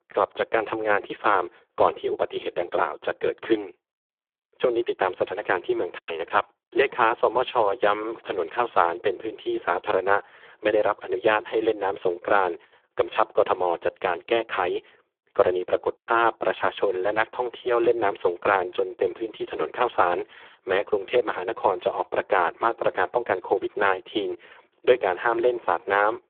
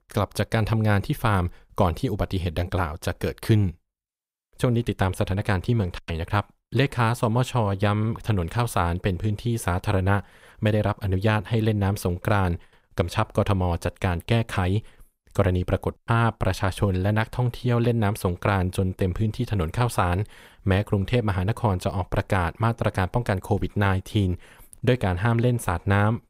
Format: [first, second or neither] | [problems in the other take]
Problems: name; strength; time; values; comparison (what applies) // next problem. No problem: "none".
second | phone-call audio; poor line